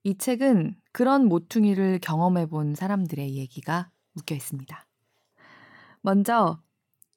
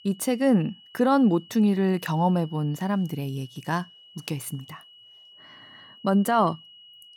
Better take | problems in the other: first | high-pitched whine; faint; throughout; 3 kHz, 25 dB below the speech

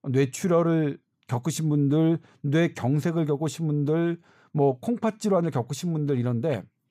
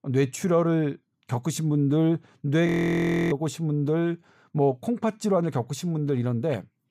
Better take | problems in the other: first | audio freezing; at 2.5 s for 0.5 s

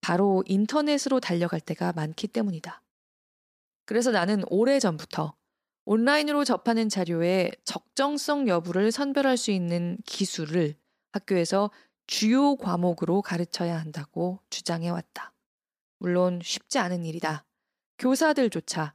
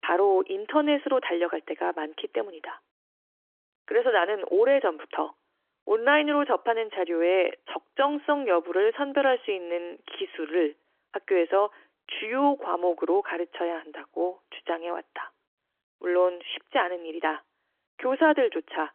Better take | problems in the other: first | phone-call audio; nothing above 3.5 kHz

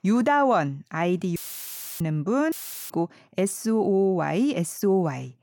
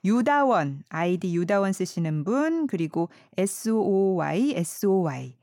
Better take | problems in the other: second | audio cutting out; filled with static; at 1.5 s for 0.5 s and at 2.5 s

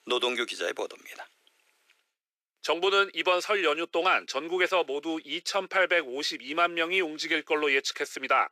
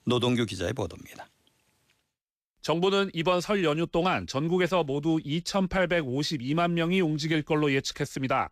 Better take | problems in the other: second | thin; very; fading below 400 Hz

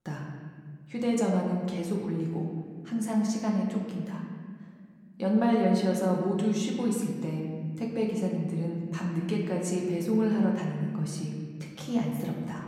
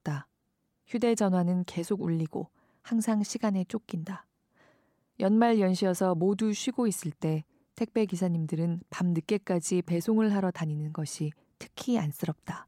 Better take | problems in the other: second | room echo; noticeable; dies away in 1.7 s // off-mic speech; somewhat distant

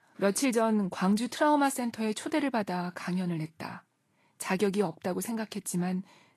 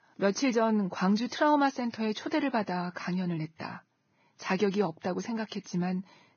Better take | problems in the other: first | garbled, watery; badly; nothing above 6.5 kHz; slightly in the first

